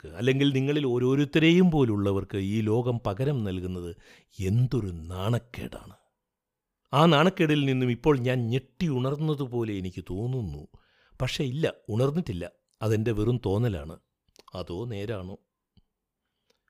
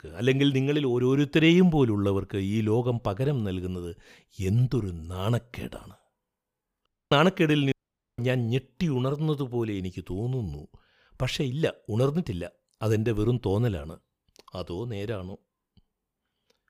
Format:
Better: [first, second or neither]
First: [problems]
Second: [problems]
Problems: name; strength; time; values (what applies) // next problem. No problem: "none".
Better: first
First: none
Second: audio cutting out; at 7 s and at 7.5 s